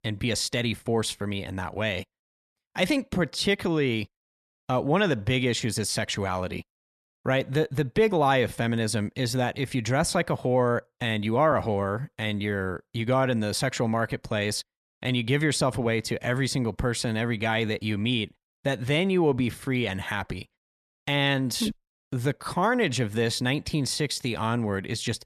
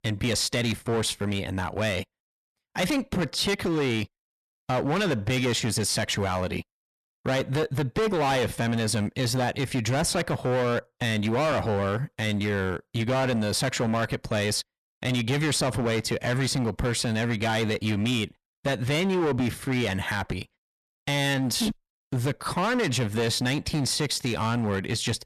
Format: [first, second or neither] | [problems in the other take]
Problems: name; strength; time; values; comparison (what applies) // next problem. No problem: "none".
first | distortion; heavy; 19% of the sound clipped